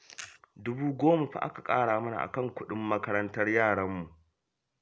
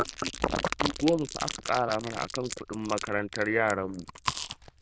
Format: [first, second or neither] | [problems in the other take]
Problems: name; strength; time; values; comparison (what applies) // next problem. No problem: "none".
first | noise reduction (neural diffusion model UNIVERSE++)